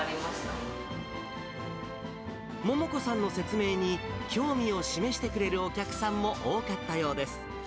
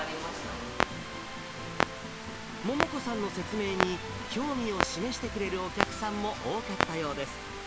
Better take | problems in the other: first | background sound (Clock); 1 dB below the speech

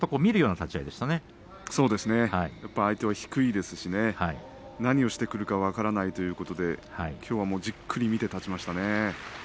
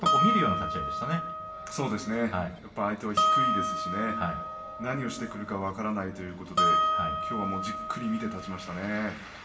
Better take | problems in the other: first | background sound (Harp); 3 dB above the speech // room echo; dies away in 0.8 s

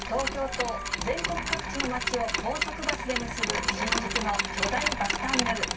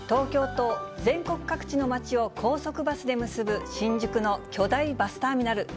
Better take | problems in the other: second | background sound (Mechanisms); 2 dB above the speech // room echo; dies away in 0.2 s

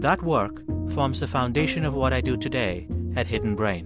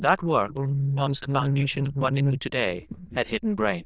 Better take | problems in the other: first | noise reduction (neural diffusion model UNIVERSE++)

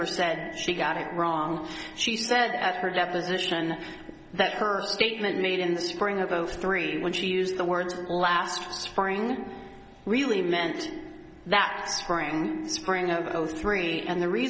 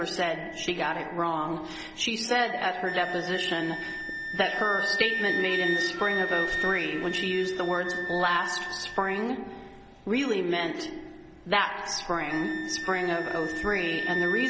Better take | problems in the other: first | background sound (Wind instrument, woodwind instrument); 5 dB below the speech

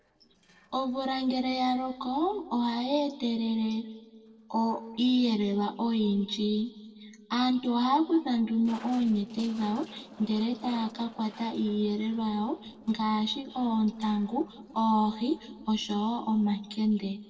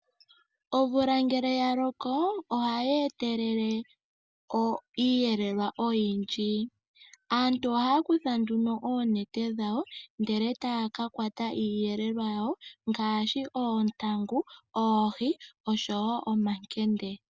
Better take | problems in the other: second | noise reduction (neural separator model SepFormer DNS4)

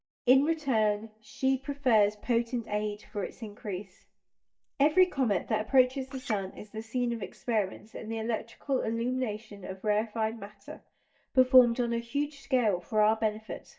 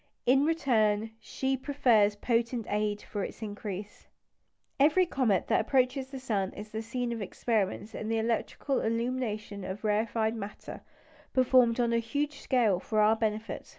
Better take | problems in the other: second | noise reduction (neural mask model DeepFilterNet 3)

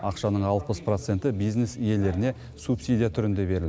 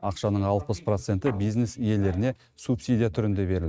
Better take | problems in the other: first | noise reduction (neural mask model RNNoise)

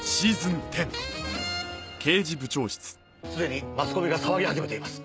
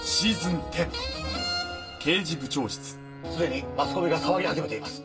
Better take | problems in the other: first | background sound (Wind instrument, woodwind instrument); 17 dB below the speech // room echo; dies away in 0.2 s

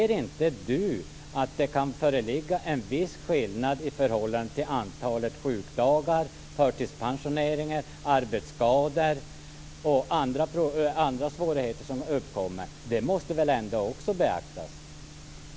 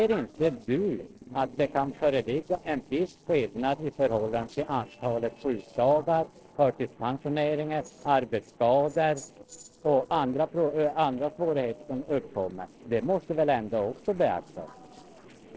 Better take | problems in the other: first | noise reduction (neural separator model SepFormer DNS4)

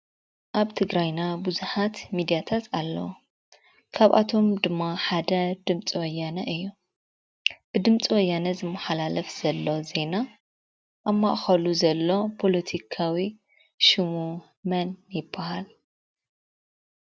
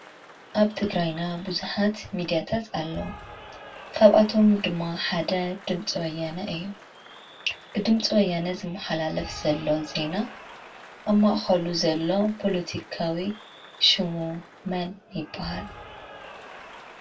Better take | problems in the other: first | background sound (Applause / Cheering); 19 dB below the speech // room echo; dies away in 0.1 s

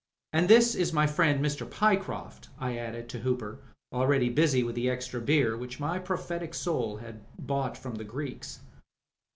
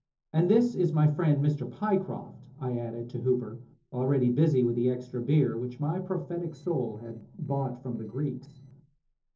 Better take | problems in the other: first | noise reduction (neural separator model SepFormer DNS4)

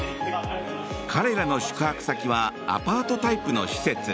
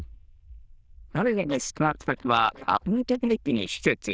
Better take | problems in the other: first | noise reduction (neural diffusion model UNIVERSE++)

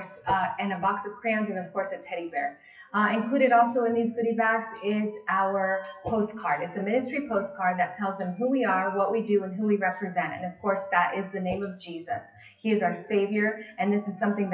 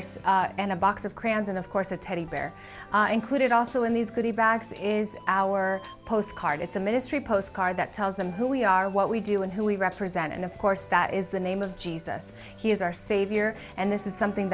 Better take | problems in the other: second | noise reduction (classical method WPE with log-MMSE)

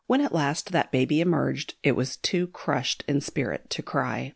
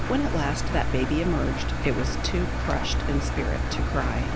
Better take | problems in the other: first | background sound (Engine); 3 dB above the speech

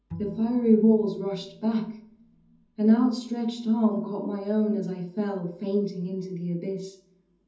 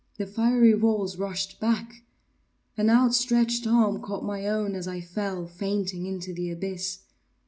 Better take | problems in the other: second | background sound (Bowed string instrument); 19 dB below the speech // room echo; dies away in 0.7 s

